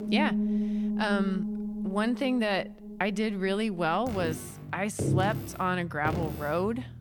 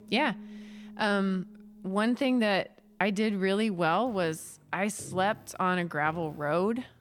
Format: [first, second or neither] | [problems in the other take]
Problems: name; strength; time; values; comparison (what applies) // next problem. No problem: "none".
second | background music; loud; throughout; 3 dB below the speech; faint in the second